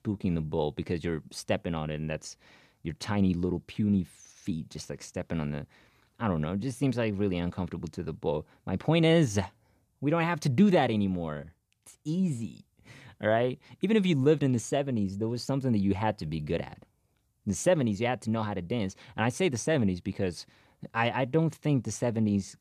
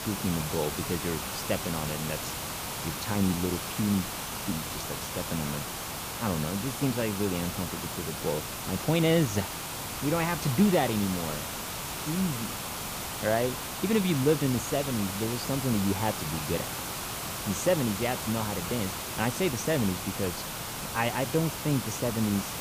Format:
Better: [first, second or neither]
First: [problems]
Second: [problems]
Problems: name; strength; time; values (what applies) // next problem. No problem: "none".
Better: first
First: none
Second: hiss; loud; throughout; 4 dB below the speech